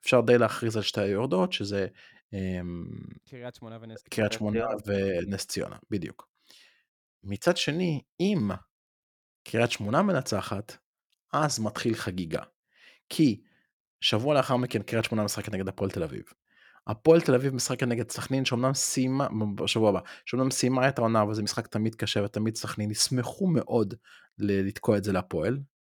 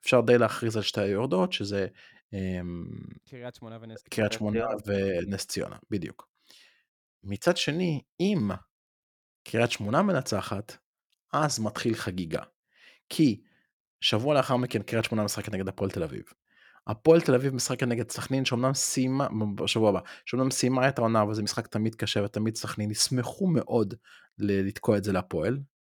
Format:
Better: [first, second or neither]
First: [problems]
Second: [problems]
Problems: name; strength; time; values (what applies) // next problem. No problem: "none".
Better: neither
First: none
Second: none